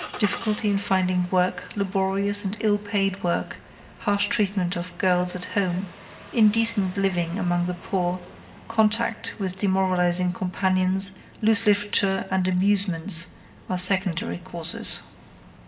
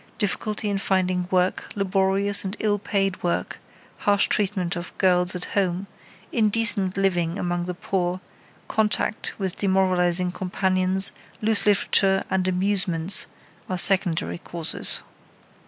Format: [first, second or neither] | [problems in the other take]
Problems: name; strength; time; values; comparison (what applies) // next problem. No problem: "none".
second | background sound (Engine starting); 20 dB below the speech // room echo; dies away in 1.2 s